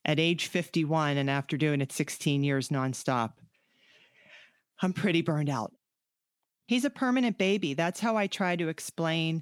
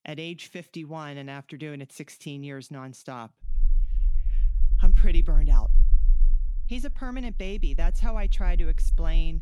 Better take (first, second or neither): first